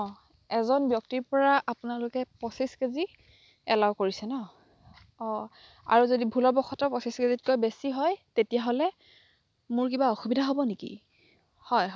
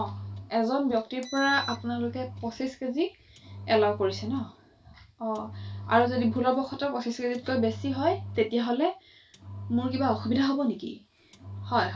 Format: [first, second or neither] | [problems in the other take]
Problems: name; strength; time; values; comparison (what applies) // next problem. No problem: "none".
first | background sound (Engine); 12 dB below the speech // room echo; dies away in 0.2 s